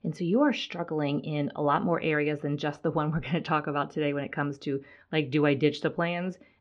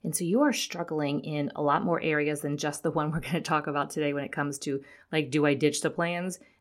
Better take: second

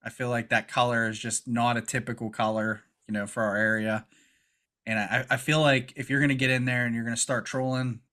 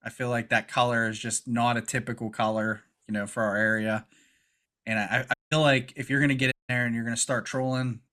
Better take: first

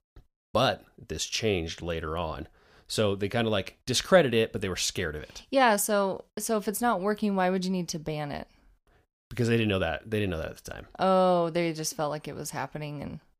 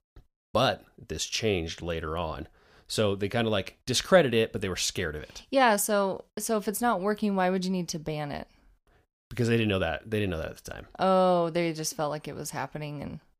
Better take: neither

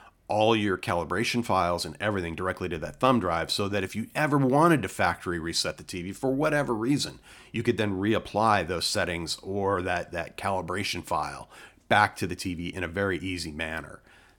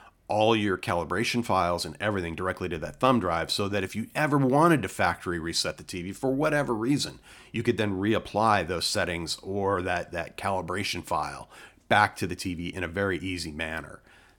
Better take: neither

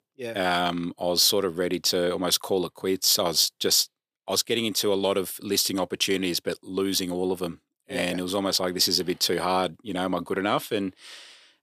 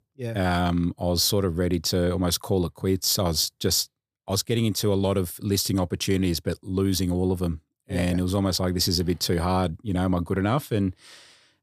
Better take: second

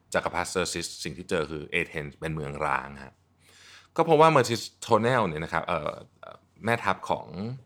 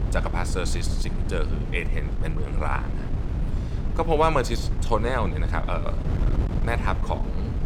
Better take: first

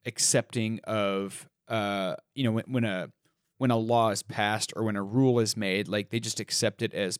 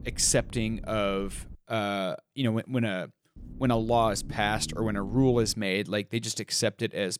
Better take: first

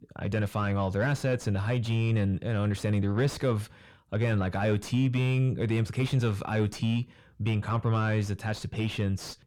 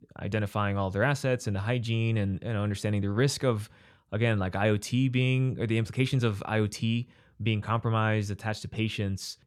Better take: second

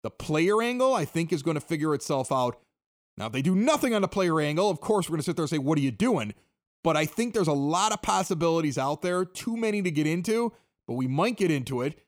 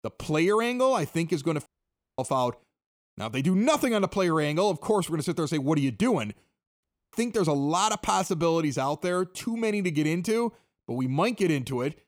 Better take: first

